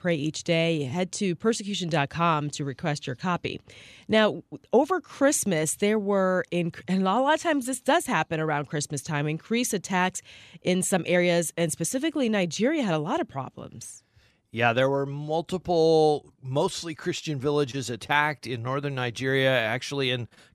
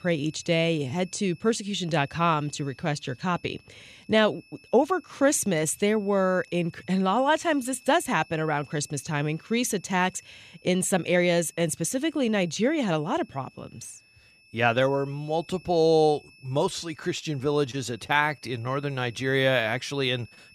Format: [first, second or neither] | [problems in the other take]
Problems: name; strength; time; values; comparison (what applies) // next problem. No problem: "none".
first | high-pitched whine; faint; throughout; 2.5 kHz, 25 dB below the speech